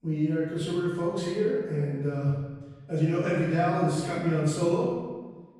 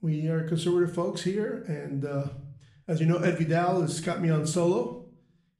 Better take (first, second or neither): second